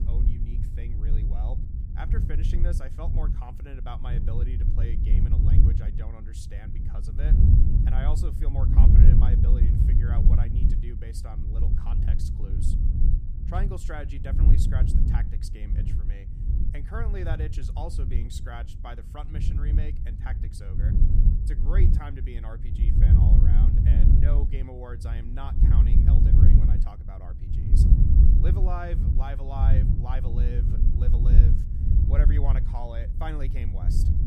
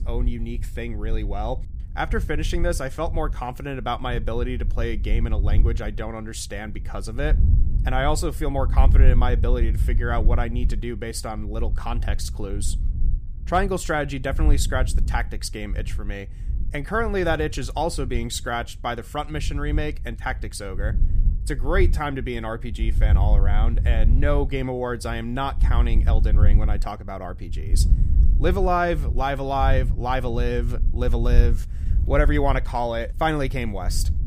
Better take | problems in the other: second | wind noise on the microphone; heavy; 1 dB above the speech; occasional gusts in the second

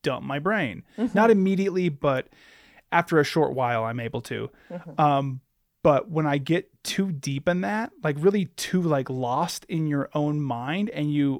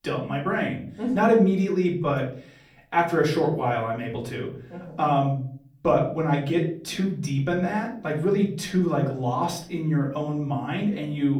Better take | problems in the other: first | room echo; slight; dies away in 0.5 s // off-mic speech; far

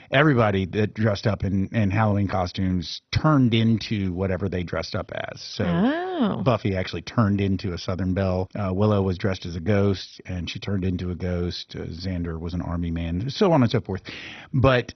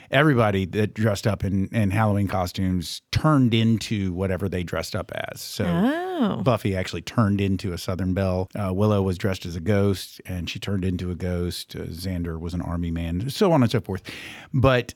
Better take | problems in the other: second | garbled, watery; badly; nothing above 6 kHz

